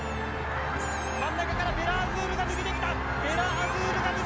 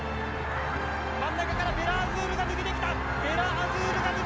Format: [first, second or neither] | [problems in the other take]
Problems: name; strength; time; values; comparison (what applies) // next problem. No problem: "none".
second | background sound (Meow); 19 dB below the speech